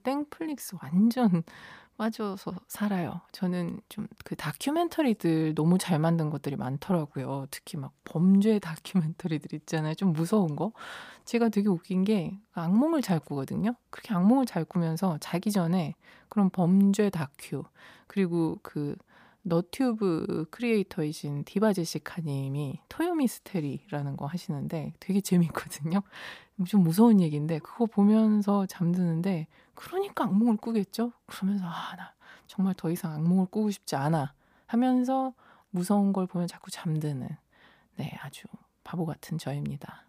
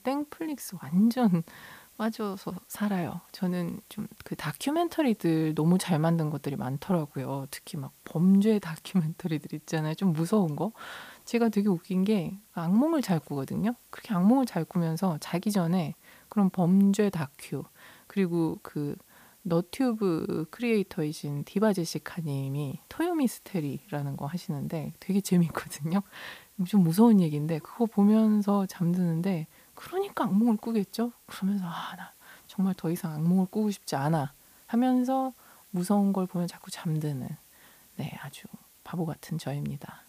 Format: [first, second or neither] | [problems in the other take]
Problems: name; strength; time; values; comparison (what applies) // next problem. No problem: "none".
first | hiss; faint; throughout; 25 dB below the speech